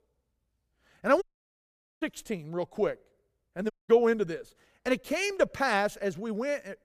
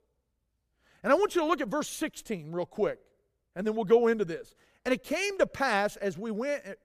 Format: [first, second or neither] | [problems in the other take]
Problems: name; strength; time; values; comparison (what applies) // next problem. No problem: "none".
second | audio cutting out; at 1 s for 1 s and at 3.5 s